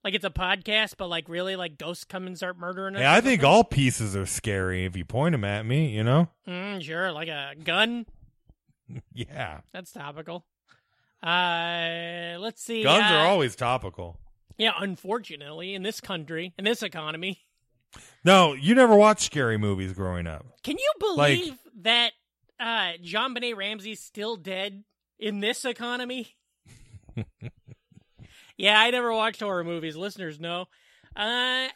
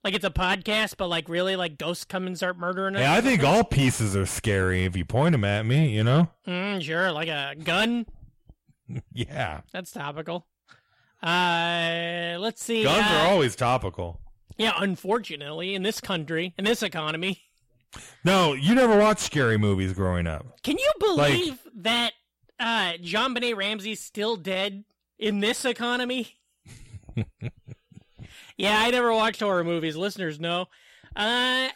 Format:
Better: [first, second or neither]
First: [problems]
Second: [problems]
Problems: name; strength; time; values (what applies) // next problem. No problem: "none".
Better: first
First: none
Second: distortion; heavy; 6 dB below the speech